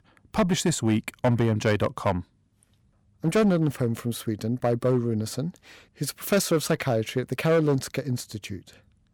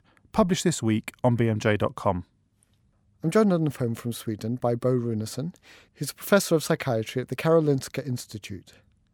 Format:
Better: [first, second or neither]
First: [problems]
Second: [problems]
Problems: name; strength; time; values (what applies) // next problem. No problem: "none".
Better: second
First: distortion; slight; 5% of the sound clipped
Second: none